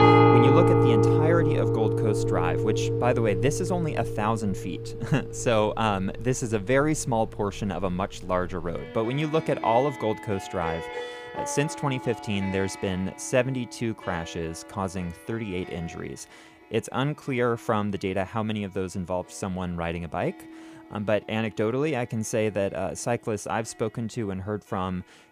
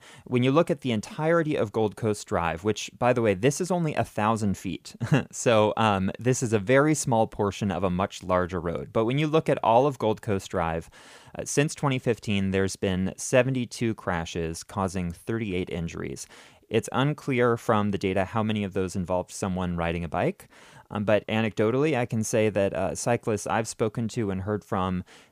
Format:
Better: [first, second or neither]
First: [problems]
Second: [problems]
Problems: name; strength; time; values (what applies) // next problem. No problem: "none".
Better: second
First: background music; very loud; throughout; 2 dB above the speech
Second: none